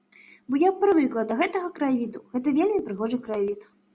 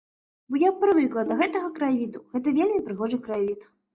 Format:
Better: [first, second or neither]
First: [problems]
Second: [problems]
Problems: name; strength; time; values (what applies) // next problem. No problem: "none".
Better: first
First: none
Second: noise reduction (neural mask model DeepFilterNet 3)